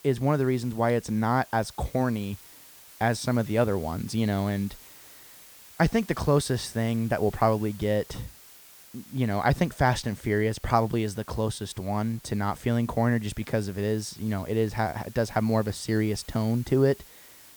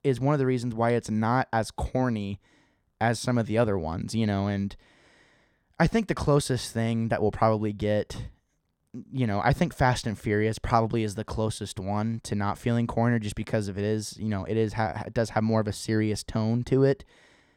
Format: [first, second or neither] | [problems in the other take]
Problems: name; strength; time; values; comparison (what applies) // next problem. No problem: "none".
second | hiss; faint; throughout; 20 dB below the speech